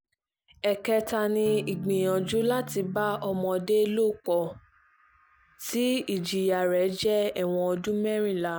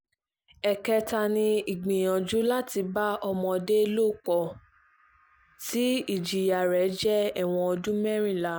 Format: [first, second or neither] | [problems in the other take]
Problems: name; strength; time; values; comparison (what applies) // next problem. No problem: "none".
second | background sound (Electric guitar / Strum); 12 dB below the speech